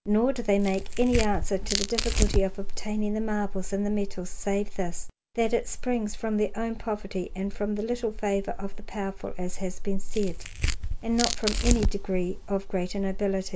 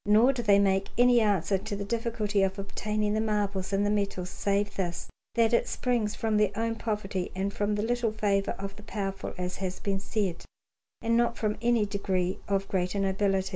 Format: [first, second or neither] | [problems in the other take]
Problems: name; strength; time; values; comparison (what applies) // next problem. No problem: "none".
second | background sound (Tearing); 1 dB below the speech